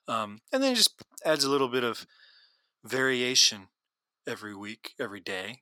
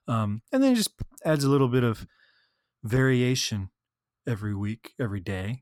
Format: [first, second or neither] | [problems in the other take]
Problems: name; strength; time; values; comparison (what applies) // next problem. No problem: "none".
second | thin; somewhat; fading below 400 Hz